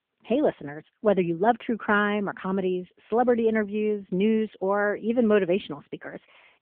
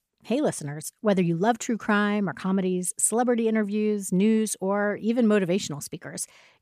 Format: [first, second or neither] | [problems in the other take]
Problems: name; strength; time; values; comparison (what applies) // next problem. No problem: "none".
second | phone-call audio